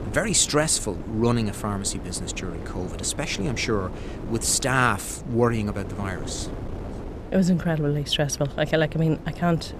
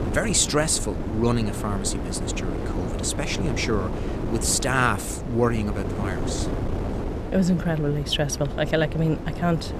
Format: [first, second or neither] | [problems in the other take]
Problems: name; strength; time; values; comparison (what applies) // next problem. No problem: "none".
first | wind noise on the microphone; heavy; 8 dB below the speech; occasional gusts in the first